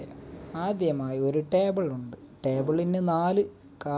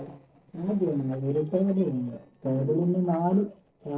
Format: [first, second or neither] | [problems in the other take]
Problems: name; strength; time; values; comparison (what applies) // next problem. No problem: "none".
first | noise reduction (neural separator model SepFormer DNS4)